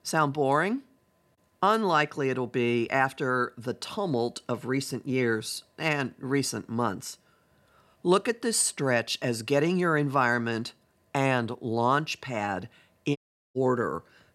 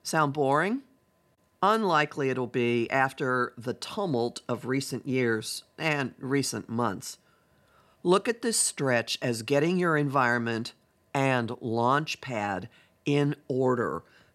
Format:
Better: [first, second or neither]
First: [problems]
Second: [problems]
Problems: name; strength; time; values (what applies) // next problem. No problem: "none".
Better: second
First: audio cutting out; at 13 s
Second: none